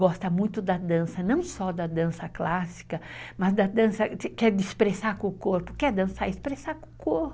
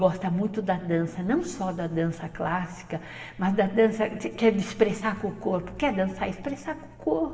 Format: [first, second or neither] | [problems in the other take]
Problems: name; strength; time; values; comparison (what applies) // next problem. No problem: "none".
first | room echo; dies away in 1.6 s